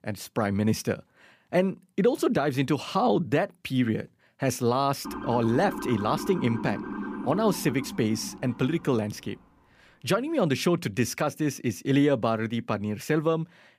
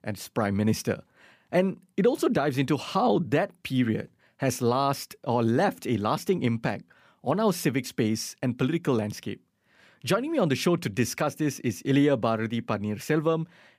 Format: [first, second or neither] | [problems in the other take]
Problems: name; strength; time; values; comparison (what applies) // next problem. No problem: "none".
second | siren; noticeable; from 5 to 9 s; peak 7 dB below the speech